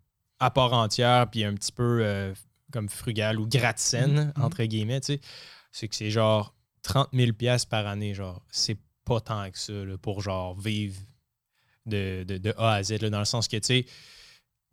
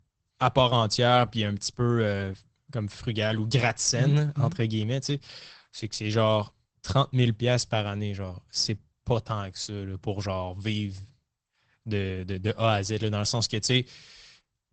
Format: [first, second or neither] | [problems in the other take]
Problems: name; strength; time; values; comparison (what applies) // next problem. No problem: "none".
first | garbled, watery; badly; nothing above 8 kHz